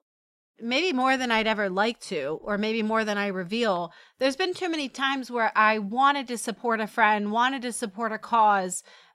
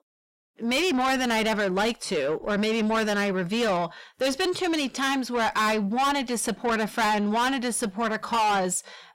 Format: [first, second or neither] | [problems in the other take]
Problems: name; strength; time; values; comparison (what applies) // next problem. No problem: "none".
first | distortion; heavy; 6 dB below the speech